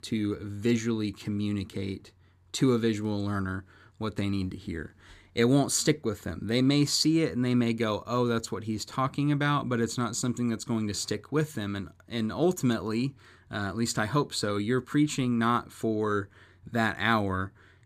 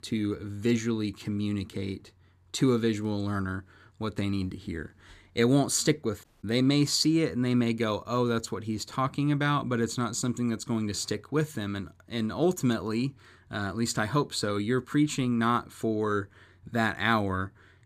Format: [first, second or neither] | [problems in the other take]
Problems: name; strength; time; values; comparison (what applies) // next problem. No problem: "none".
first | audio cutting out; at 6 s